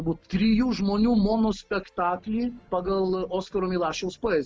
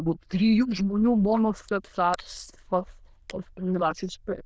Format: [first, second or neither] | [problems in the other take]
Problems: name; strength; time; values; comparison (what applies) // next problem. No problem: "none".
first | noise reduction (neural diffusion model UNIVERSE++)